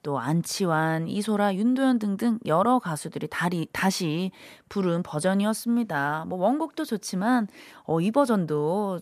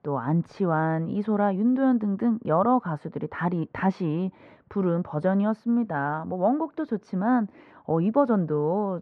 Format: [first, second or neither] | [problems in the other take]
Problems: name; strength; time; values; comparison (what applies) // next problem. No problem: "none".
first | muffled; very; fading above 1.5 kHz